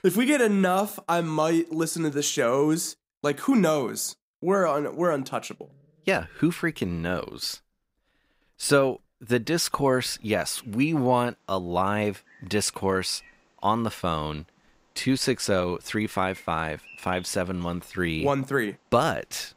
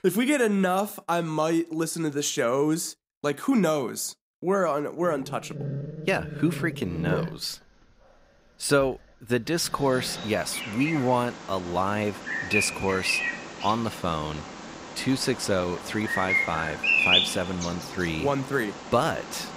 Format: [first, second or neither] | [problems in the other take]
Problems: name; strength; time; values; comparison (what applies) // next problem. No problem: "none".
first | animal sounds; loud; from 5.5 s on; 2 dB below the speech; faint in the first